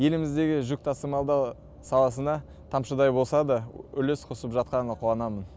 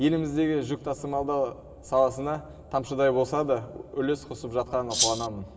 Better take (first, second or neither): first